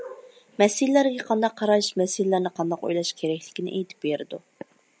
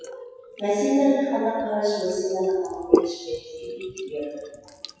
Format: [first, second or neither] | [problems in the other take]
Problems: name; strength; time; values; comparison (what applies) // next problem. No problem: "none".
first | noise reduction (classical method WPE with log-MMSE)